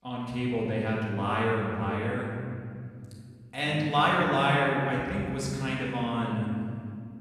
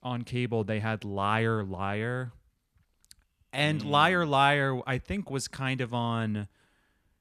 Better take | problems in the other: second | off-mic speech; far // room echo; strong; dies away in 2.2 s

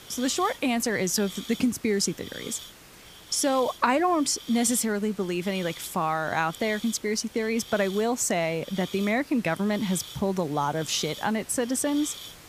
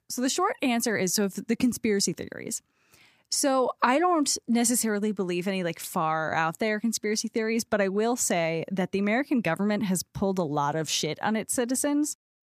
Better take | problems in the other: second | hiss; noticeable; throughout; 15 dB below the speech

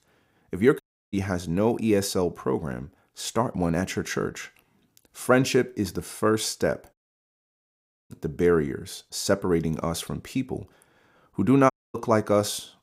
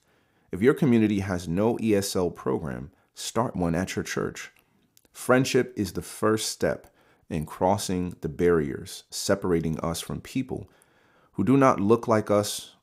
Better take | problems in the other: second | audio cutting out; at 1 s, at 7 s for 1 s and at 12 s

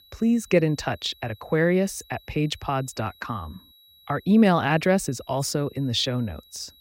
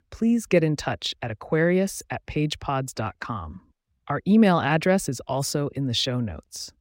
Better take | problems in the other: second | high-pitched whine; faint; throughout; 4 kHz, 30 dB below the speech

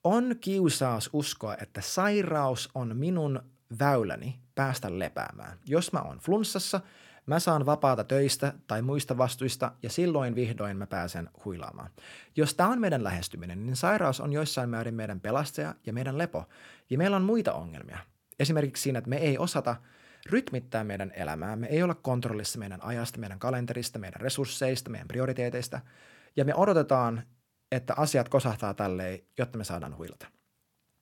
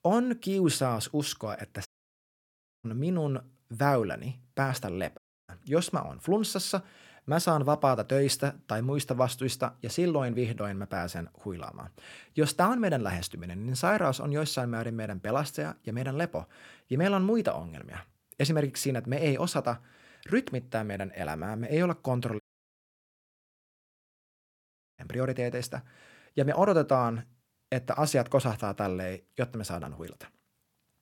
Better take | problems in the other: first | audio cutting out; at 2 s for 1 s, at 5 s and at 22 s for 2.5 s

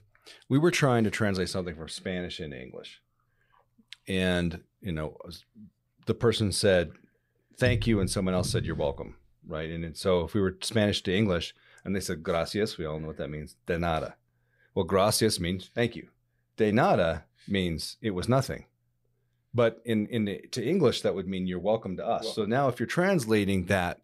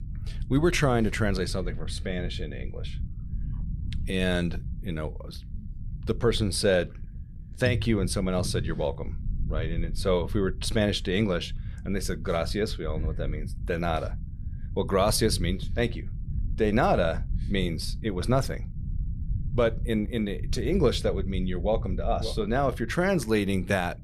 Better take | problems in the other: first | low rumble; faint; throughout; 20 dB below the speech

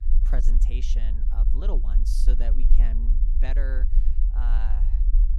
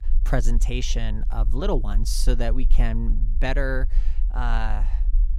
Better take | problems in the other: second | low rumble; loud; throughout; 7 dB below the speech; faint in the second

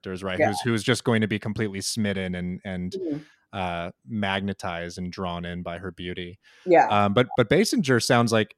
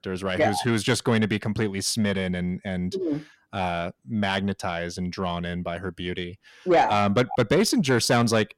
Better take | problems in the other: first | distortion; slight; 10 dB below the speech

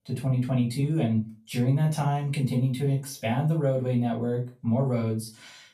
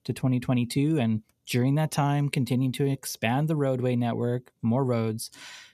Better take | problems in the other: second | room echo; slight; dies away in 0.2 s // off-mic speech; far

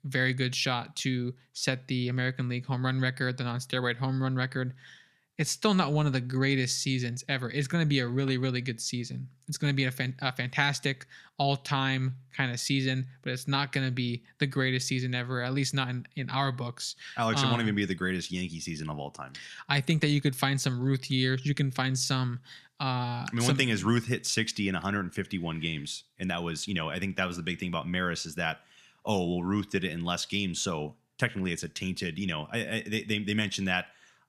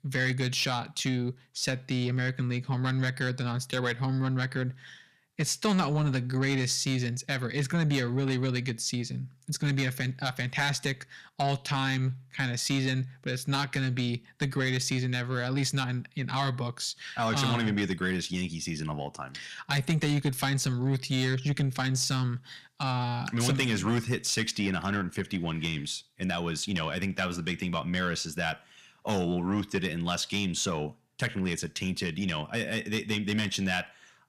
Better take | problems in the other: first | distortion; slight; 10 dB below the speech

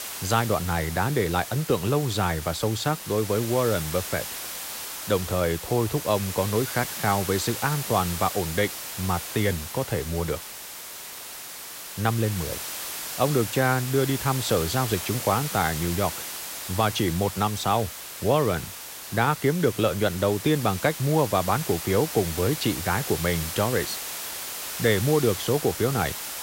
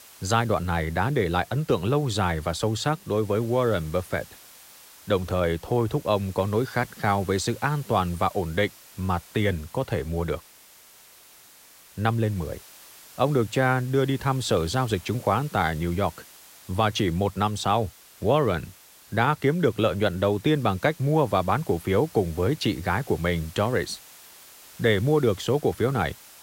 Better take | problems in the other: second | hiss; loud; throughout; 7 dB below the speech; faint in the second

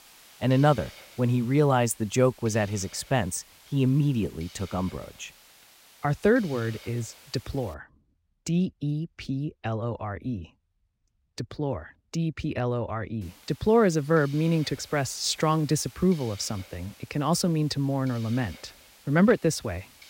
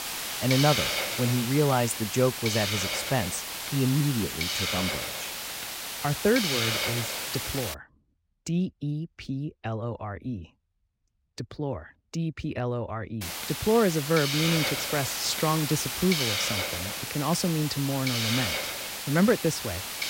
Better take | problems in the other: first | hiss; loud; until 7.5 s and from 13 s on; 1 dB below the speech; faint in the first

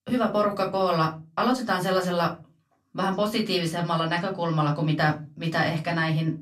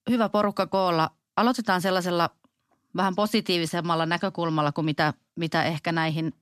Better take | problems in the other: second | off-mic speech; somewhat distant // room echo; very slight; dies away in 0.2 s

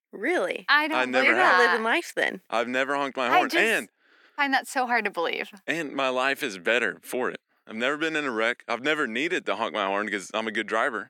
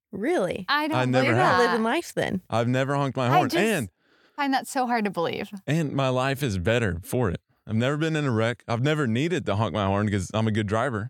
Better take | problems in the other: second | thin; somewhat; fading below 250 Hz

